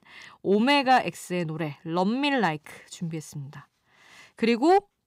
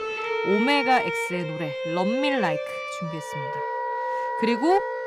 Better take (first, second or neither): first